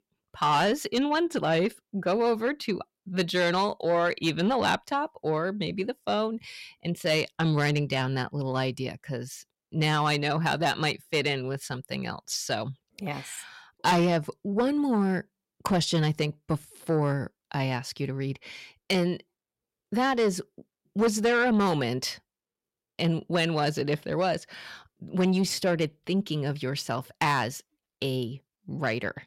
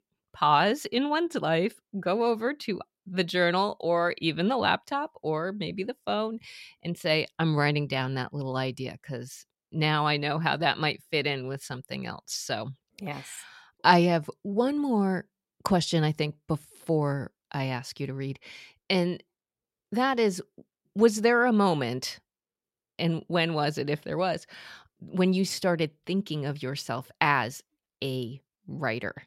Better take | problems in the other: second | distortion; slight; 10 dB below the speech

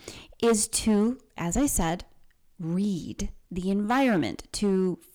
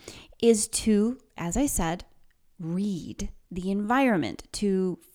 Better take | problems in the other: second | distortion; slight; 4% of the sound clipped

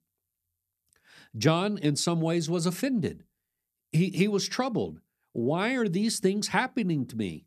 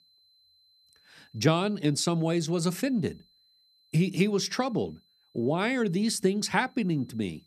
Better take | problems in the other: first | high-pitched whine; faint; throughout; 4 kHz, 35 dB below the speech

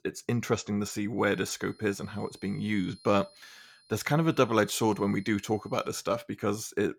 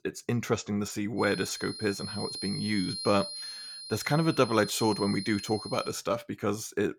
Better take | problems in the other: first | high-pitched whine; loud; from 1 to 6 s; 4 kHz, 8 dB below the speech; faint in the first

